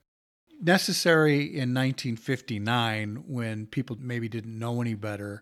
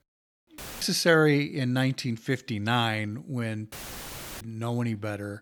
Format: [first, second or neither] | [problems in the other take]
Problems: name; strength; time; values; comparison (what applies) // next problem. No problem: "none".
first | audio cutting out; filled with static; at 0.5 s and at 3.5 s for 0.5 s